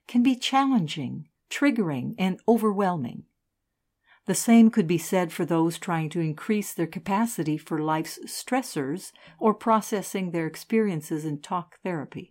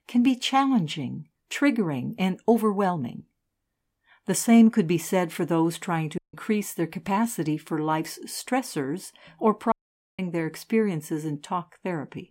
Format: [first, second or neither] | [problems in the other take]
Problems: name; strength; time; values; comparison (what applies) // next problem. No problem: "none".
first | audio cutting out; at 6 s and at 9.5 s